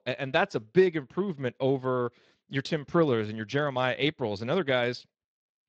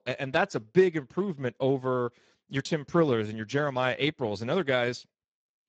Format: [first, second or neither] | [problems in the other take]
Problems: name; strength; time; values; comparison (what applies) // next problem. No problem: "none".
first | garbled, watery; badly; nothing above 7.5 kHz; slightly in the first